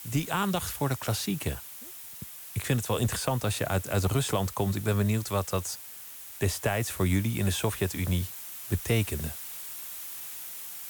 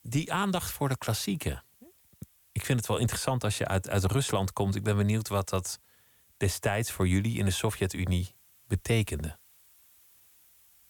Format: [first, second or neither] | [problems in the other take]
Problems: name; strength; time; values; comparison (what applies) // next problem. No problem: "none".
second | hiss; loud; throughout; 10 dB below the speech; faint in the second